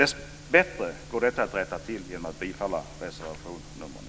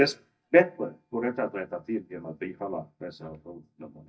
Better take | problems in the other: first | noise reduction (neural mask model DeepFilterNet 3)

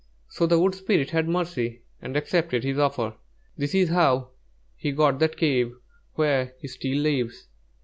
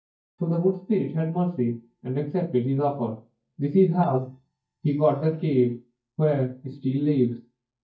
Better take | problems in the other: first | noise reduction (neural mask model DeepFilterNet 3)

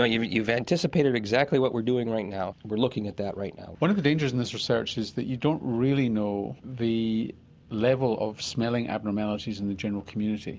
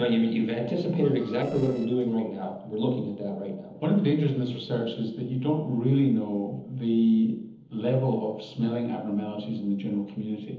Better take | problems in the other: first | noise reduction (neural separator model SepFormer DNS4)

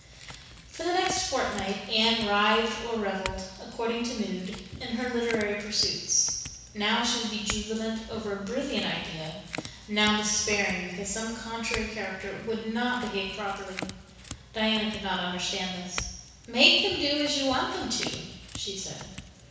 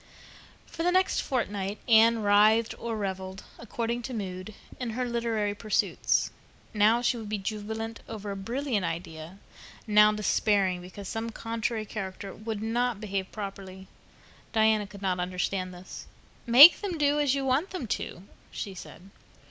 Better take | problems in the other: second | background sound (Chink, clink / Domestic sounds, home sounds); 15 dB below the speech // room echo; dies away in 1.1 s

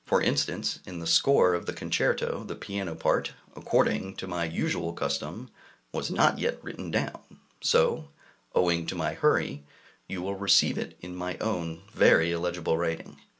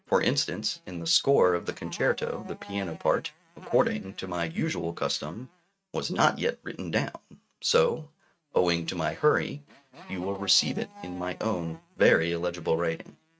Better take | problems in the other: first | noise reduction (neural mask model RNNoise)

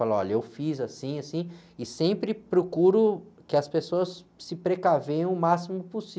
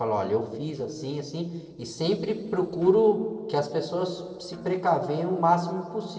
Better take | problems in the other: first | noise reduction (neural separator model SepFormer DNS4)

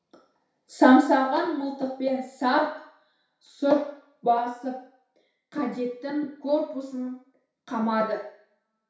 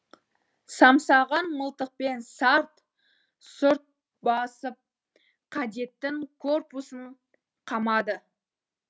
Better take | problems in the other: second | room echo; dies away in 0.6 s

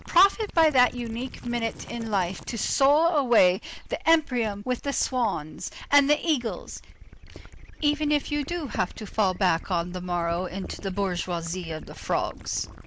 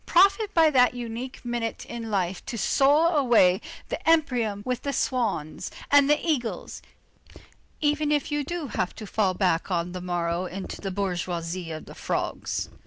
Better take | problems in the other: second | background sound (Gurgling / Liquid); 18 dB below the speech

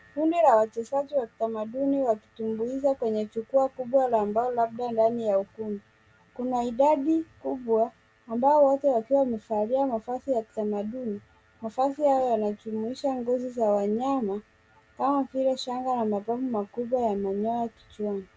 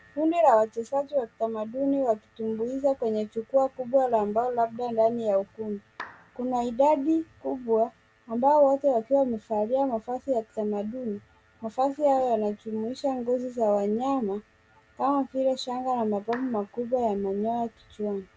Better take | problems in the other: first | background sound (Clapping); 18 dB below the speech

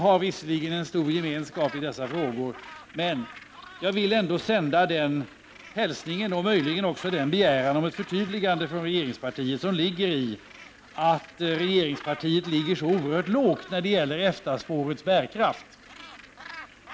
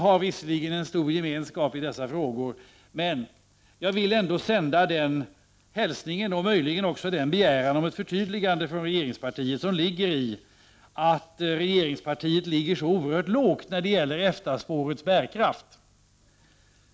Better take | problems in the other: second | background sound (Gull, seagull); 19 dB below the speech

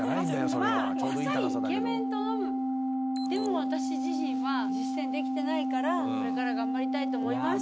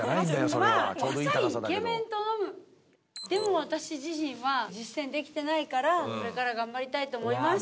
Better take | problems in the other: second | background sound (Organ); 4 dB above the speech

